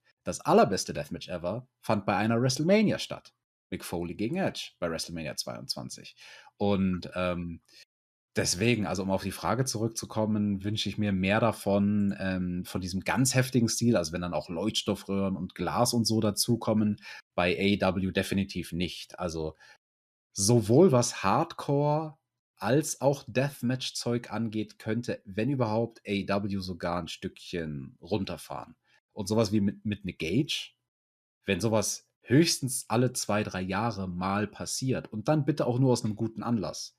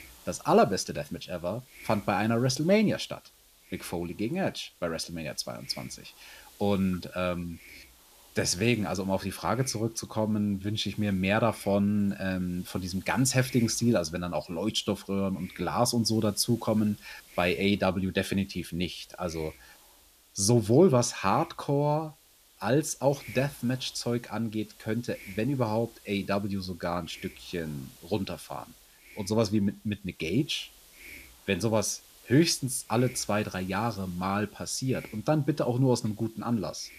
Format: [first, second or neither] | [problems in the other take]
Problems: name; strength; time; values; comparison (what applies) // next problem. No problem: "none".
first | hiss; faint; throughout; 20 dB below the speech